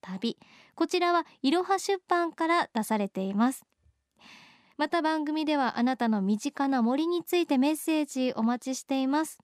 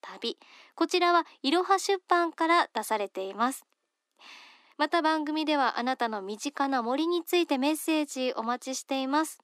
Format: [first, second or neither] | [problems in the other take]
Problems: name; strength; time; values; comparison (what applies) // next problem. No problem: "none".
first | thin; somewhat; fading below 300 Hz